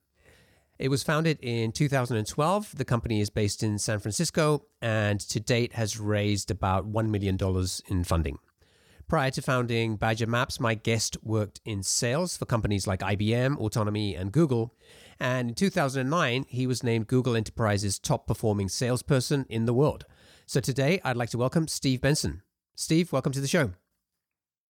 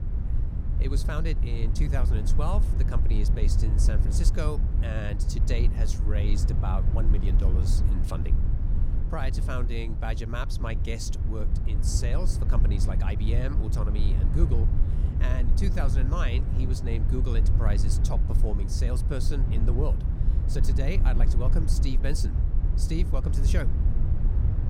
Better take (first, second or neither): first